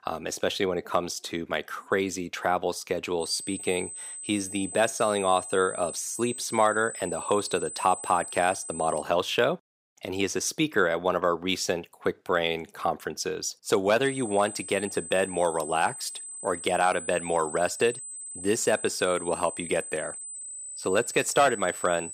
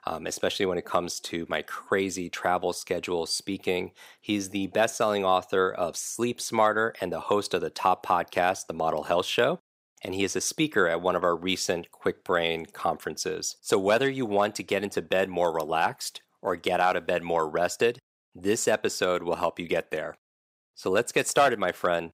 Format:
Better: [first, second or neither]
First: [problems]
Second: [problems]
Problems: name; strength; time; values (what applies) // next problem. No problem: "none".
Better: second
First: high-pitched whine; loud; from 3 to 9 s and from 14 s on; 8 kHz, 9 dB below the speech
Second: none